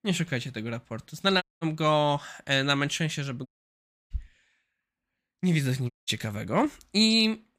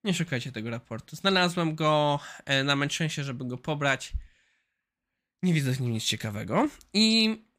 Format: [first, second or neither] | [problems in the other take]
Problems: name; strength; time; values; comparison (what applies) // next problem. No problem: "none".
second | audio cutting out; at 1.5 s, at 3.5 s for 0.5 s and at 6 s